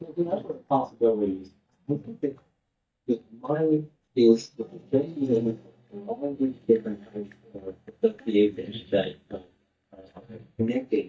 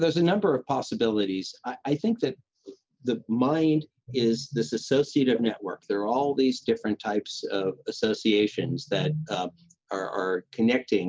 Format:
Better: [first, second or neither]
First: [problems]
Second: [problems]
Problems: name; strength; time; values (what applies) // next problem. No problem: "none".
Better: second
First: noise reduction (neural mask model DeepFilterNet 3)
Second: none